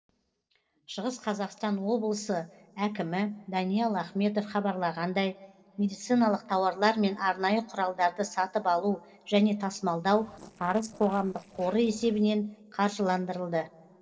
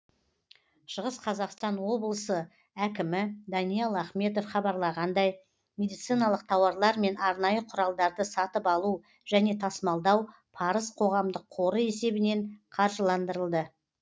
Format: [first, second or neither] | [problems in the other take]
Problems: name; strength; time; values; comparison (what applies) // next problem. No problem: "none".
second | noise reduction (neural separator model SepFormer DNS4)